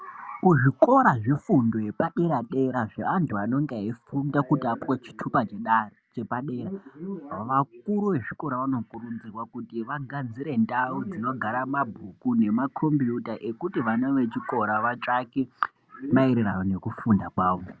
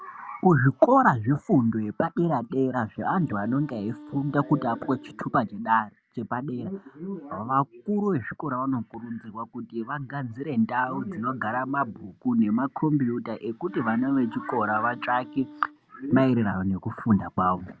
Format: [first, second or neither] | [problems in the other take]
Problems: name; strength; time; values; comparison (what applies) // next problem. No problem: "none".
first | background sound (Wind instrument, woodwind instrument); 19 dB below the speech